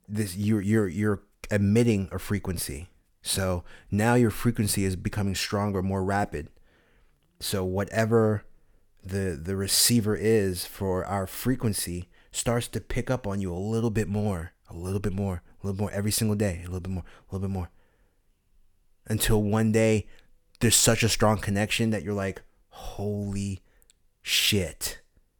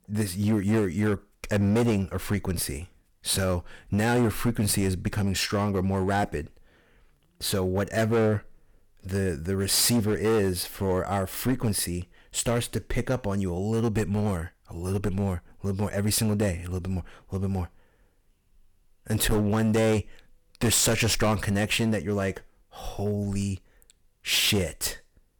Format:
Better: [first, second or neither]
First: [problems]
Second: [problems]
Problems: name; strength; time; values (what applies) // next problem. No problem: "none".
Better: first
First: none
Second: distortion; slight; 8% of the sound clipped